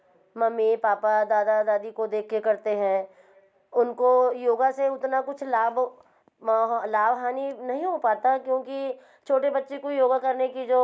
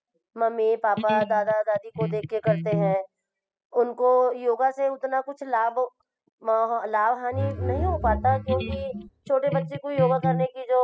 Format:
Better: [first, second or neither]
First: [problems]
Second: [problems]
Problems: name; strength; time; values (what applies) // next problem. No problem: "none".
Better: first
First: none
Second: noise reduction (classical method spectral subtraction)